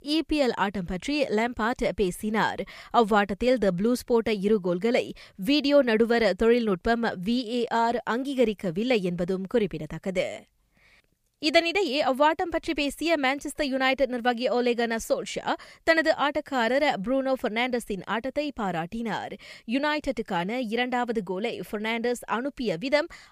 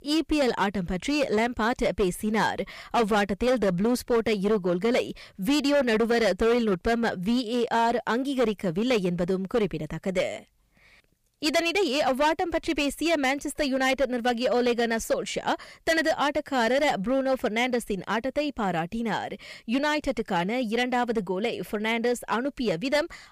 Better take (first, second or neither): first